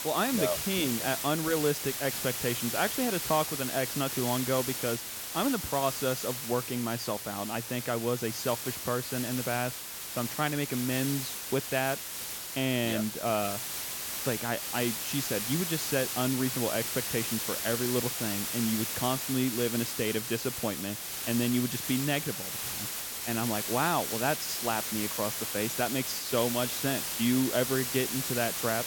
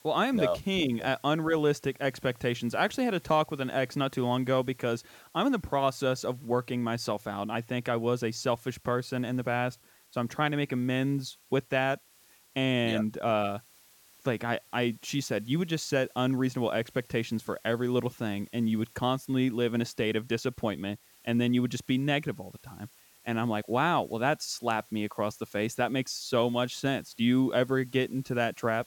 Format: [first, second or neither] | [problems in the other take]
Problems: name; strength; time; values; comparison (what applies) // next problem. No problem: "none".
second | hiss; loud; throughout; 1 dB below the speech; faint in the second